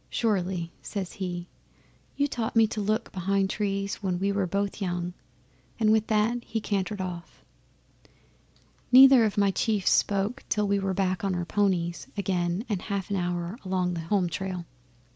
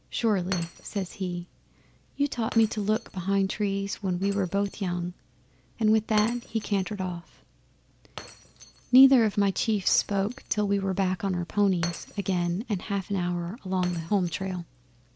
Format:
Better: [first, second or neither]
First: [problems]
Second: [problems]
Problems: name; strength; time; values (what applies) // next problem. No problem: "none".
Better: first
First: none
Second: background sound (Shatter); 19 dB below the speech